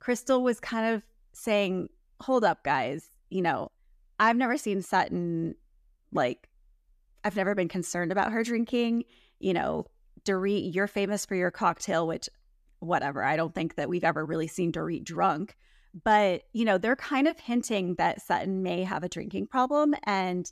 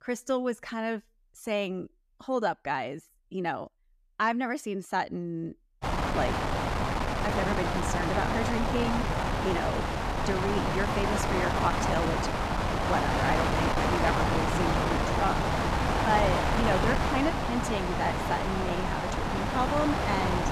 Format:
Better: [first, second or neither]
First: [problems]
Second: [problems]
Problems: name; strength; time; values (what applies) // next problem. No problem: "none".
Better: first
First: none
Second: wind noise on the microphone; heavy; from 6 s on; 3 dB above the speech